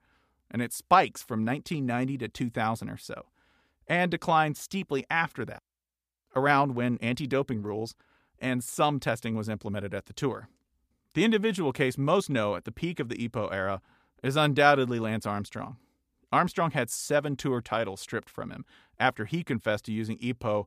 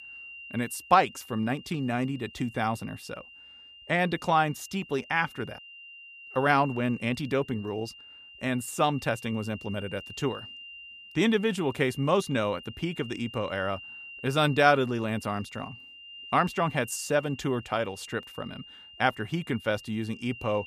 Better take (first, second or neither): first